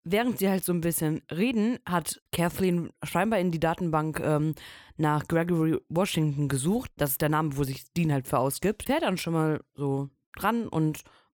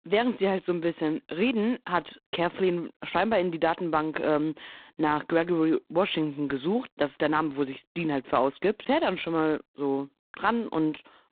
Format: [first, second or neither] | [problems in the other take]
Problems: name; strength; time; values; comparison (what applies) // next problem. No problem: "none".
first | phone-call audio; poor line; nothing above 3.5 kHz